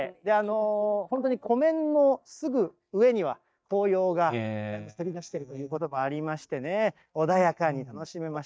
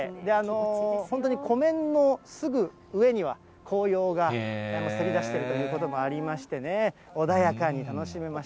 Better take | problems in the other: second | noise reduction (neural mask model DeepFilterNet 3)

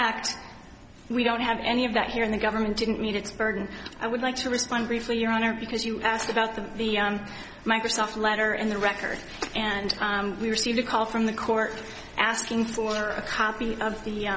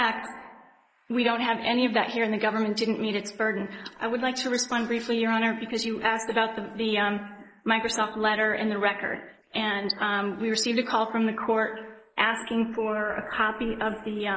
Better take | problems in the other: first | noise reduction (neural mask model Resemble Enhance denoiser)

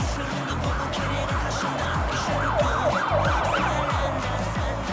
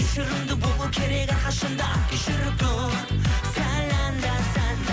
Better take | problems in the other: second | background sound (Truck); 1 dB above the speech

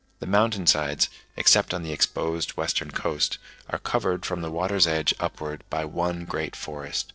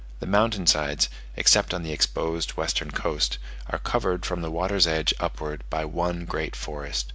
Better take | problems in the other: second | noise reduction (neural separator model SepFormer DNS4)

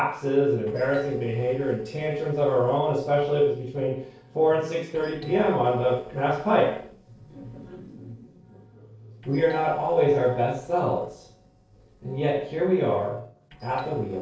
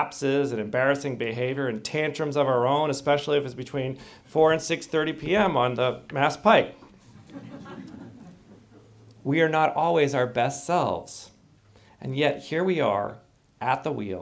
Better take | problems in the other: second | noise reduction (neural separator model SepFormer DNS4)

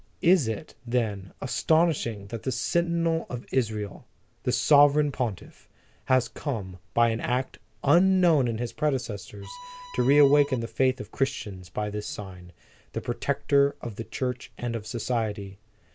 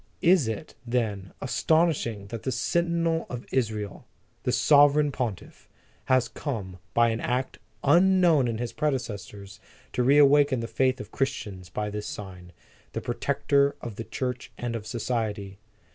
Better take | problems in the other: second | background sound (Bowed string instrument); 16 dB below the speech

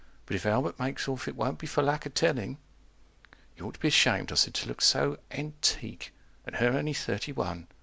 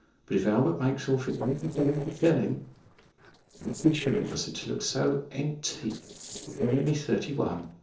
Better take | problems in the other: first | noise reduction (neural separator model SepFormer DNS4)

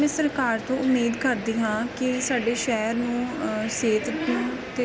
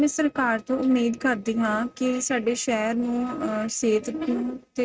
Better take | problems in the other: first | noise reduction (neural mask model RNNoise)

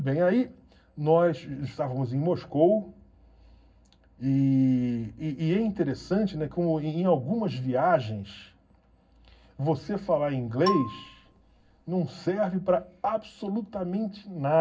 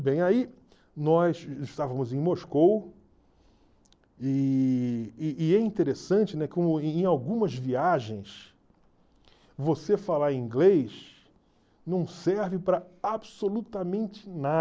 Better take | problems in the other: second | background sound (Marimba, xylophone); 9 dB below the speech // room echo; dies away in 0.4 s

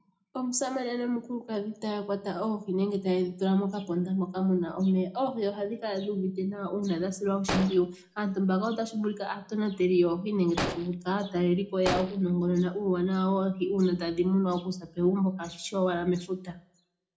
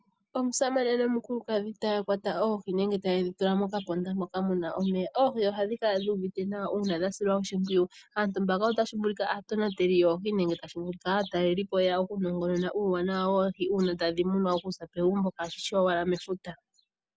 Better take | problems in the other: second | background sound (Explosion); 7 dB below the speech // room echo; dies away in 0.3 s

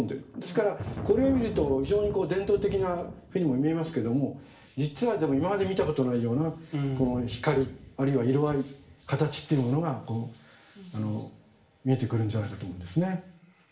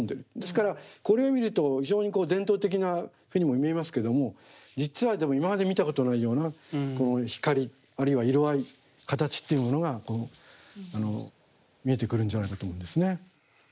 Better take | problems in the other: second | background sound (Thunder); 15 dB below the speech // room echo; dies away in 0.5 s

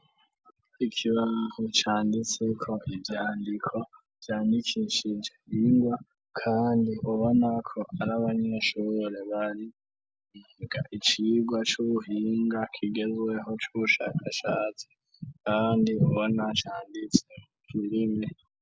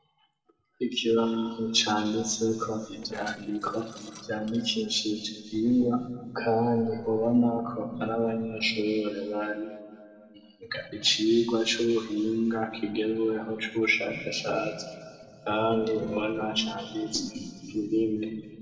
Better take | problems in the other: first | noise reduction (neural separator model SepFormer DNS4)

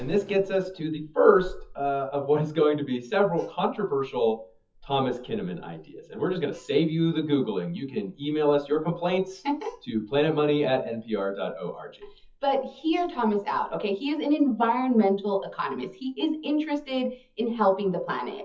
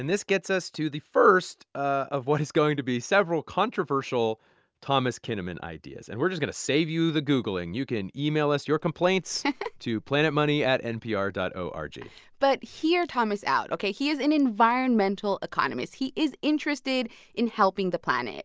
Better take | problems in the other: second | noise reduction (classical method WPE with log-MMSE)

